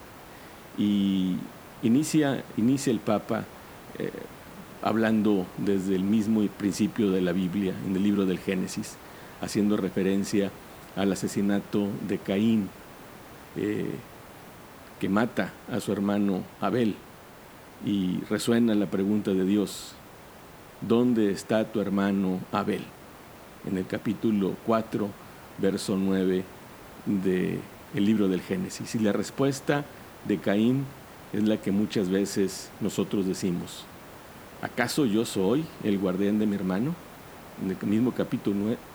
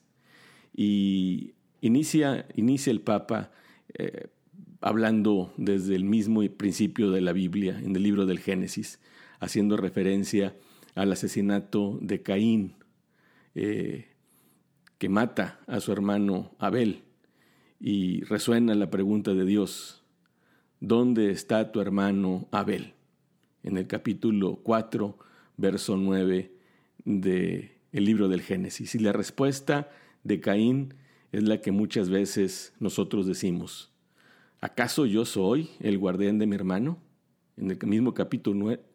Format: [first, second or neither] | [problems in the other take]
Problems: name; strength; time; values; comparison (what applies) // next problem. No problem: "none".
second | hiss; noticeable; throughout; 20 dB below the speech